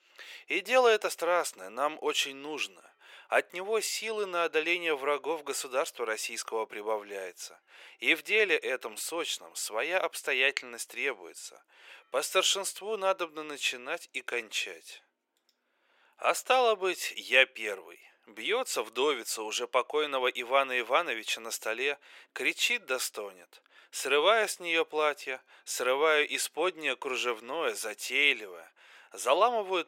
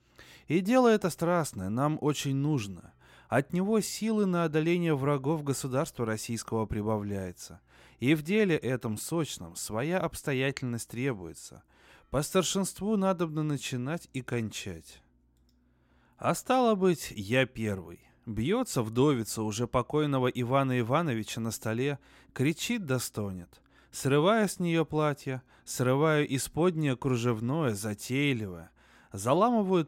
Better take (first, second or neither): second